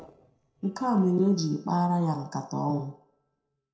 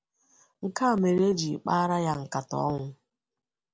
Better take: second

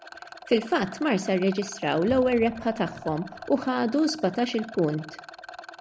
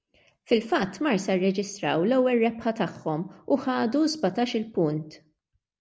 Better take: second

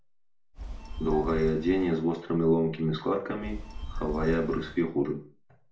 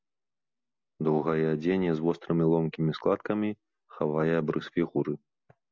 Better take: second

